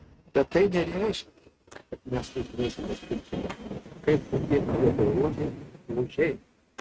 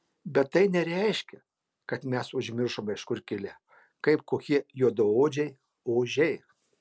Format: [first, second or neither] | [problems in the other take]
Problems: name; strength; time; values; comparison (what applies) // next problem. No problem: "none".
second | noise reduction (neural mask model RNNoise)